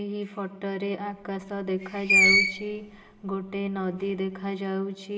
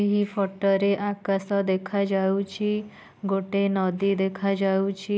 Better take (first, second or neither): second